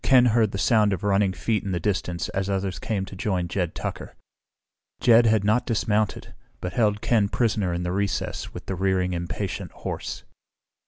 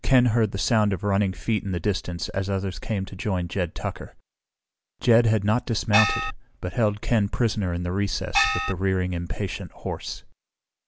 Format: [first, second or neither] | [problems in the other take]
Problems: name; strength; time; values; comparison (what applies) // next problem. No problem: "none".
first | background sound (Gong); 1 dB above the speech